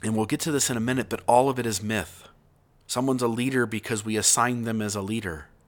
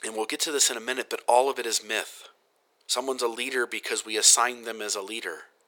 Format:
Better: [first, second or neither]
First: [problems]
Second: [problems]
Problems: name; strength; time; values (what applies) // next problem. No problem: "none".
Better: first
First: none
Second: thin; very; fading below 400 Hz